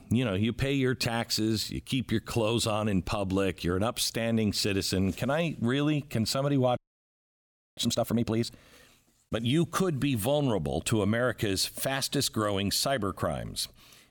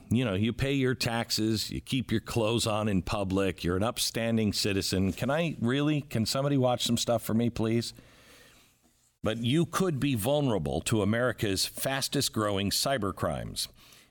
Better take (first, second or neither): second